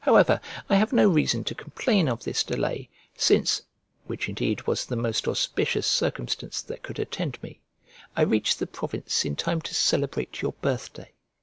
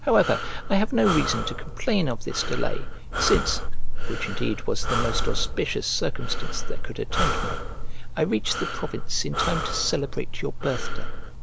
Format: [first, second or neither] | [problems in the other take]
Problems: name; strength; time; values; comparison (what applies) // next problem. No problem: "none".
first | background sound (Breathing); 3 dB above the speech